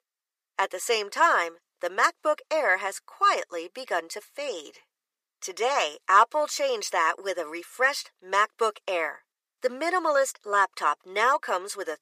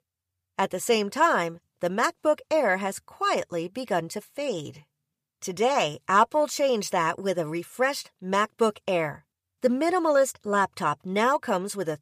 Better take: second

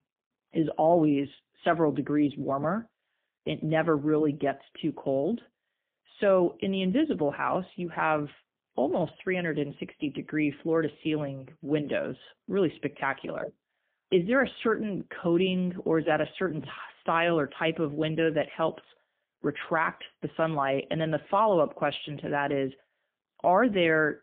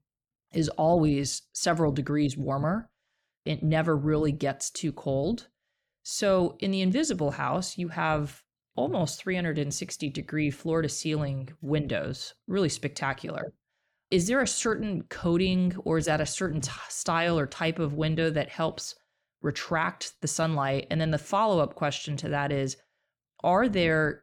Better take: second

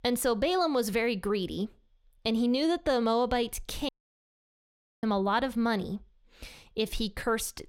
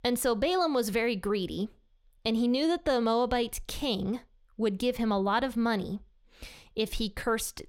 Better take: second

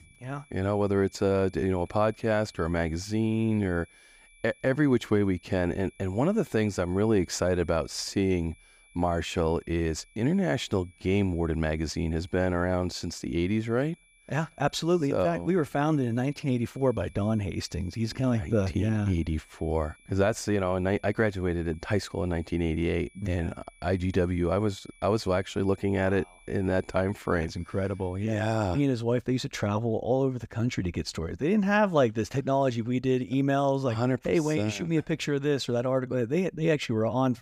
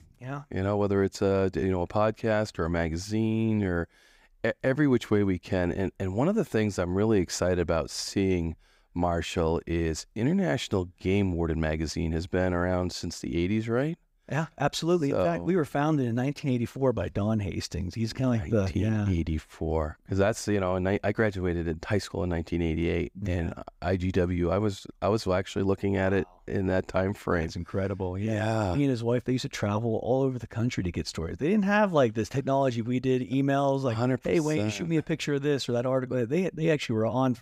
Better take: second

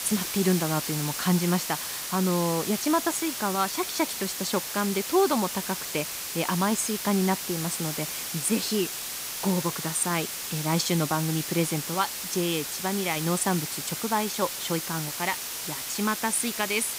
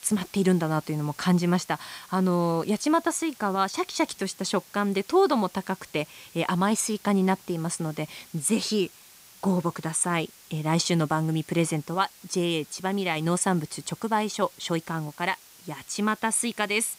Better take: second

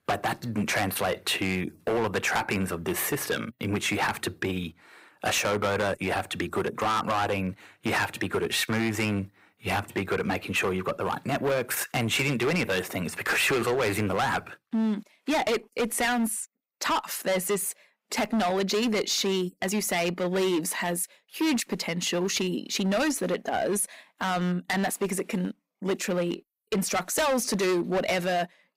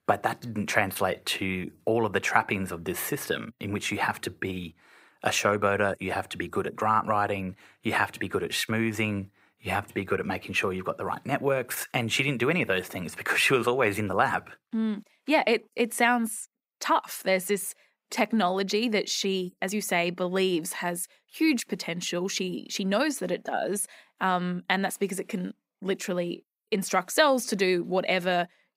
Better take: second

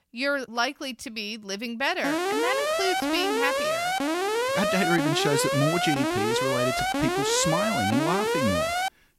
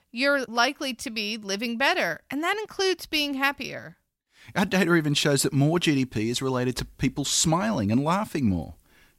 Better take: second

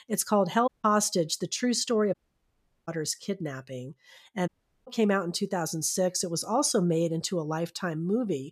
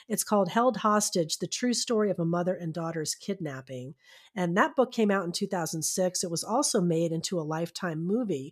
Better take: second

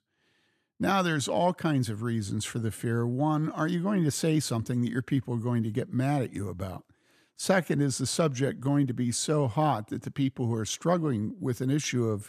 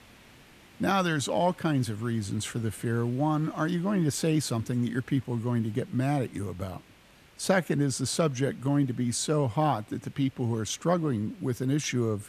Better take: first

